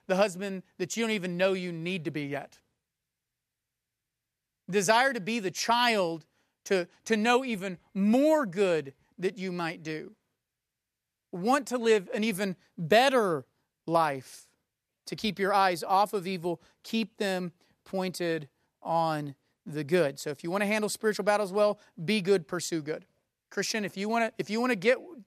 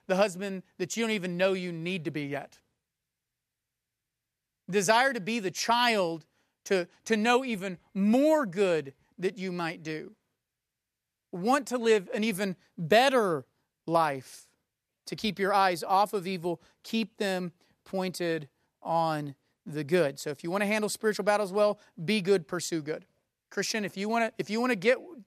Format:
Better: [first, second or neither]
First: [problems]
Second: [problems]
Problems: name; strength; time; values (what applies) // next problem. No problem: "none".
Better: neither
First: none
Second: none